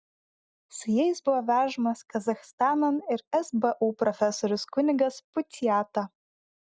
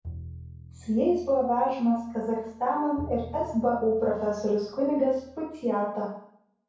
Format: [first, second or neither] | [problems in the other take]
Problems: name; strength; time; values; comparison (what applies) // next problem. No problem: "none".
first | background sound (Bowed string instrument); 17 dB below the speech // room echo; dies away in 0.6 s